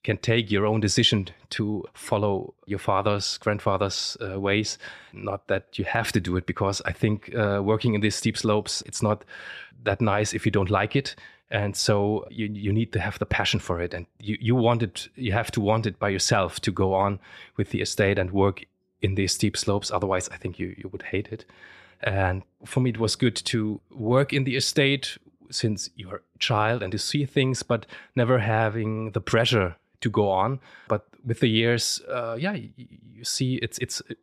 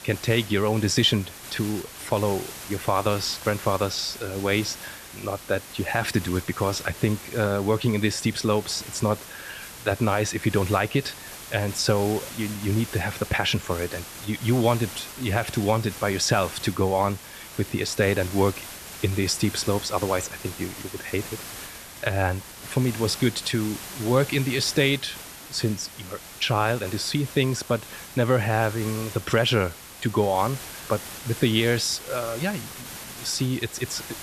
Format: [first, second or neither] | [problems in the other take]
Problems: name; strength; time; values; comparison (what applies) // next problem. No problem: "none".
first | hiss; noticeable; throughout; 10 dB below the speech